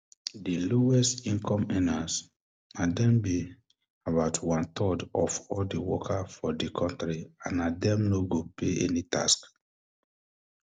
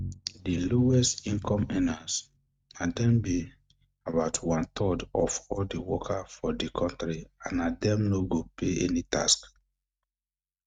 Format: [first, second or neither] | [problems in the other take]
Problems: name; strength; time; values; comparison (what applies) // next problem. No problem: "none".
first | noise reduction (neural mask model RNNoise)